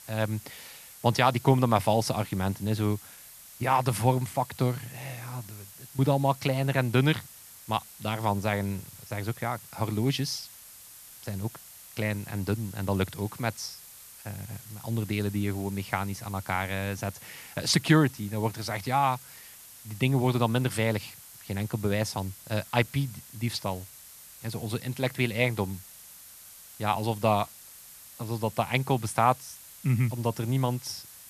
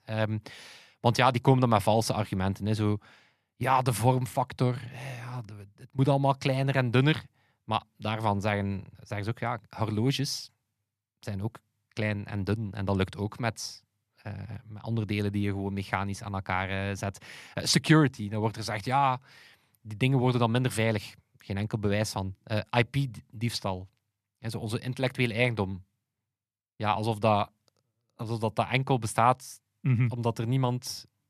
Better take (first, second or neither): second